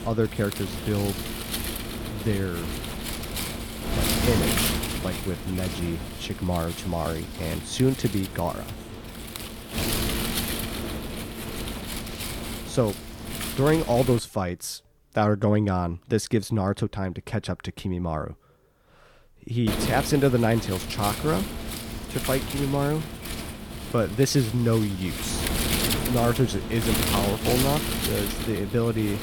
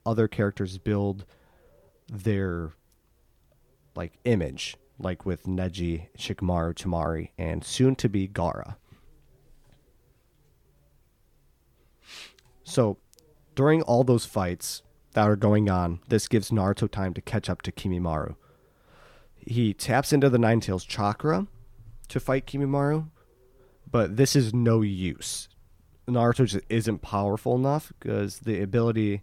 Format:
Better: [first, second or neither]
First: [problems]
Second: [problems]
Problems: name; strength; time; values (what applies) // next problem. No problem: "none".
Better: second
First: wind noise on the microphone; heavy; until 14 s and from 20 s on; 3 dB below the speech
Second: none